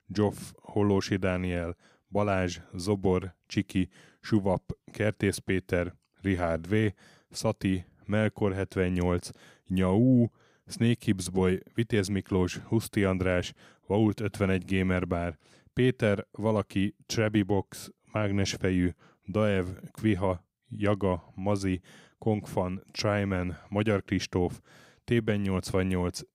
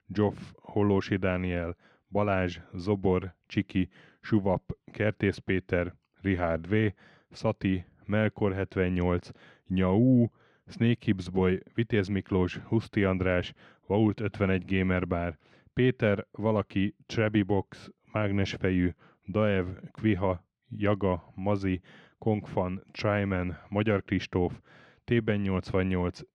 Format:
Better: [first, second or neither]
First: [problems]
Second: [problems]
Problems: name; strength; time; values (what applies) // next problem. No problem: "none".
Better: first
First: none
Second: muffled; slightly; fading above 2.5 kHz